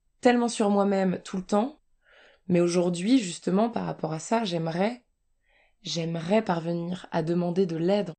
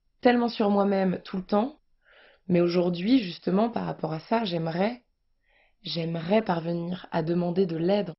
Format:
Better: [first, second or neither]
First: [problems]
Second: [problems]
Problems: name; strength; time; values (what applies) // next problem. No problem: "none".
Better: first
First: garbled, watery; slightly; nothing above 8.5 kHz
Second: garbled, watery; badly; nothing above 5.5 kHz